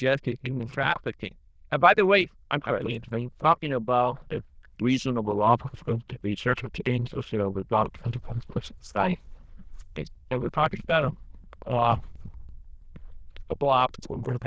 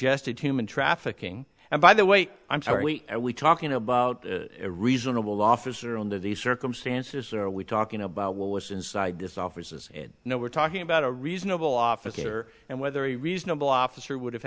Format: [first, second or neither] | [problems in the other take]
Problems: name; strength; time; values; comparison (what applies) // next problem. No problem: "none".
second | noise reduction (neural diffusion model UNIVERSE++)